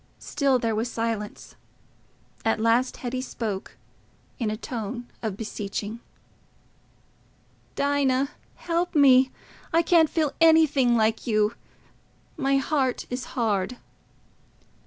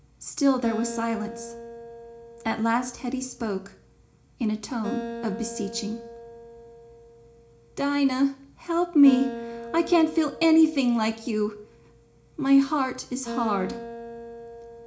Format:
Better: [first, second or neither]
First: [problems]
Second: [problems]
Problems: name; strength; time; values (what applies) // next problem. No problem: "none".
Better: first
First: none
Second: background sound (Acoustic guitar); 13 dB below the speech // room echo; dies away in 0.4 s